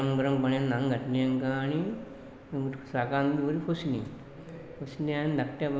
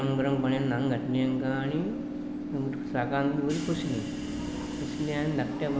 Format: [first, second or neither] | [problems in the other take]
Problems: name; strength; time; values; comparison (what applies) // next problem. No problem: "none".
first | background sound (Subway, metro, underground / Train); 5 dB below the speech